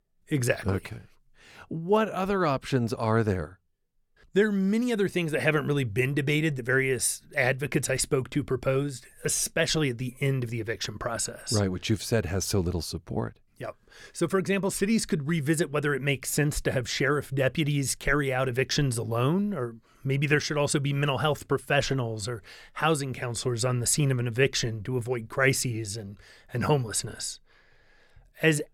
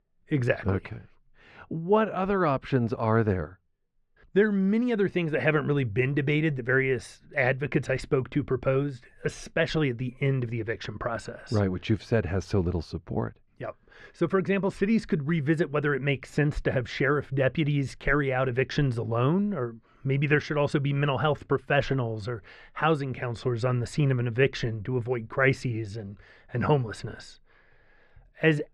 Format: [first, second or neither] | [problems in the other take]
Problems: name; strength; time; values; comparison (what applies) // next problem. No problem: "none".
first | muffled; slightly; fading above 2.5 kHz